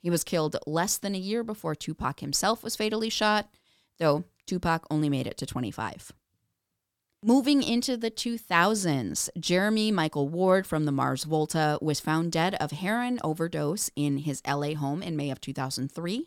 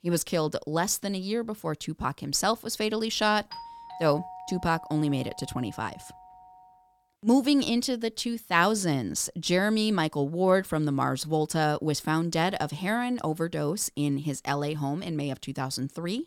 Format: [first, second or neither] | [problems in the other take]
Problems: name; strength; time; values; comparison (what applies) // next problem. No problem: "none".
first | doorbell; faint; from 3.5 to 6.5 s; peak 15 dB below the speech